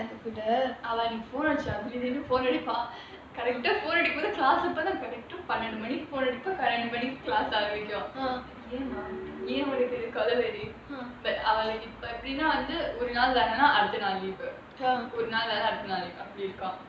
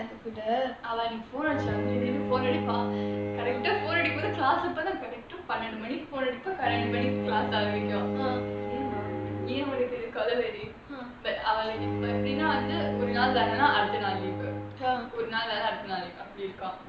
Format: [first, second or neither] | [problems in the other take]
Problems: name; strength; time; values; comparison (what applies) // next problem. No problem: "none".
first | background sound (Bowed string instrument); 3 dB below the speech